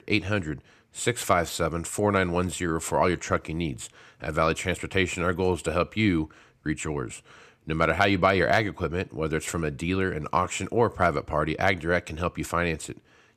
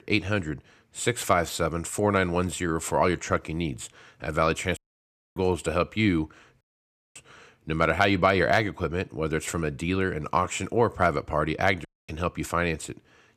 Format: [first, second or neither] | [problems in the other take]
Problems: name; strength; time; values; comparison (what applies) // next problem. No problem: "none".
first | audio cutting out; at 5 s for 0.5 s, at 6.5 s for 0.5 s and at 12 s